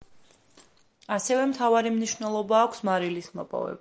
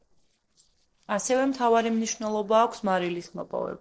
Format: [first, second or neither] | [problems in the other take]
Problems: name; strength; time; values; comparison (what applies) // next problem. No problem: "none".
first | noise reduction (neural separator model SepFormer DNS4)